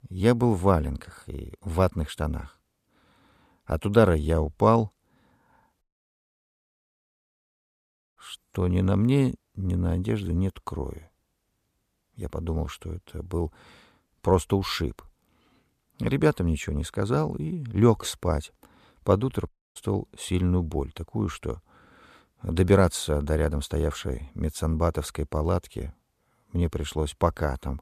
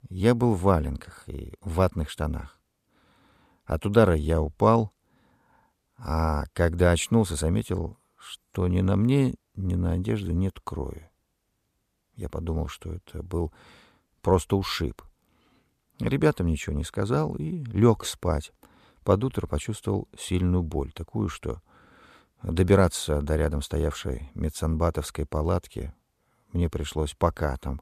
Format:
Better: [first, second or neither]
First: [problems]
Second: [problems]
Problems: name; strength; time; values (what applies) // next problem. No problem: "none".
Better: second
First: audio cutting out; at 6 s for 2.5 s and at 19 s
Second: none